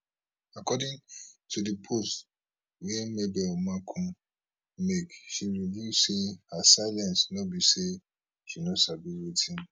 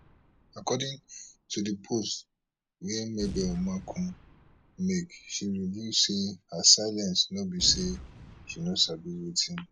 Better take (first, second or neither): first